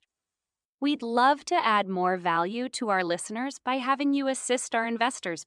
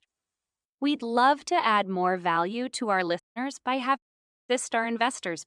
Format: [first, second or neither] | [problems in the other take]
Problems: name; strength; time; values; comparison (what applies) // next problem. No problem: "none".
first | audio cutting out; at 3 s and at 4 s for 0.5 s